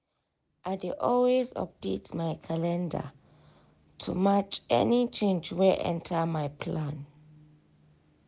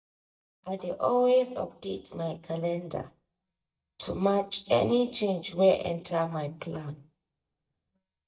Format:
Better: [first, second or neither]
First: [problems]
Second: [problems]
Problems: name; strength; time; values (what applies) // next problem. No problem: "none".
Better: first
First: none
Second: noise reduction (neural mask model DeepFilterNet 3)